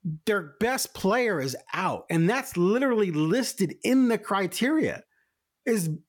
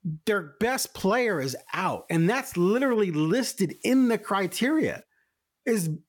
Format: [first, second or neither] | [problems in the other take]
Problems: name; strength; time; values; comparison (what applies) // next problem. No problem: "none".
first | hiss; very faint; from 1.5 to 3 s and from 3.5 to 5 s; 30 dB below the speech